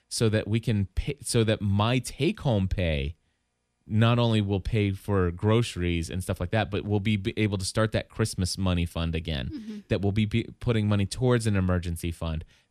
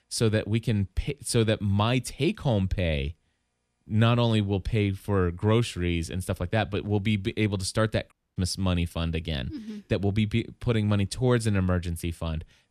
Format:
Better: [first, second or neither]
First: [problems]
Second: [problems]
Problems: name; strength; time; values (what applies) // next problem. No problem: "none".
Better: first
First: none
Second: audio cutting out; at 8 s